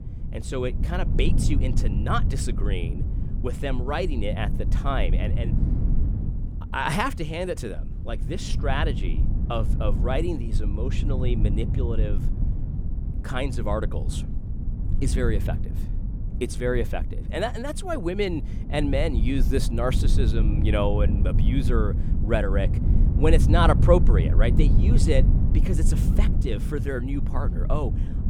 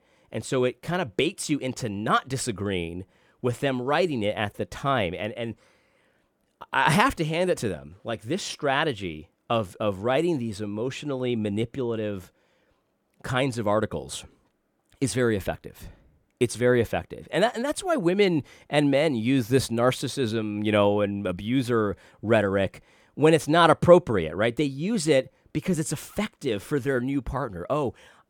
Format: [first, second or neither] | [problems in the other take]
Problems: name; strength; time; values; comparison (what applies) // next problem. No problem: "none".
second | low rumble; loud; throughout; 10 dB below the speech